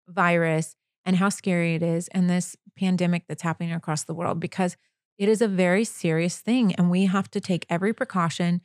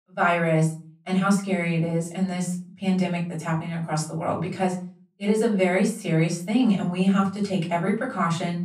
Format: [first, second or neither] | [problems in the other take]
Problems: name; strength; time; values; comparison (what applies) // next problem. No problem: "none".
first | off-mic speech; far // room echo; slight; dies away in 0.3 s